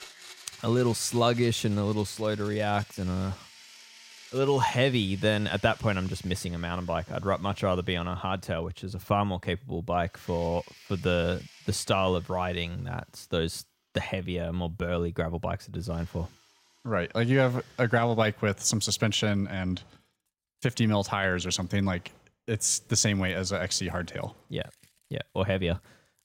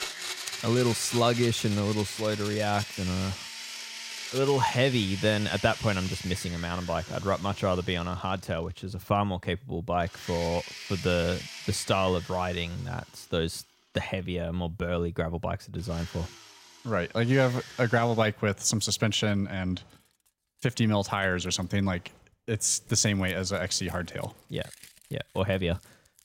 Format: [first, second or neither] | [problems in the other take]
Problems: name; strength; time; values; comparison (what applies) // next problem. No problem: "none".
first | household noises; loud; throughout; 10 dB below the speech; faint in the first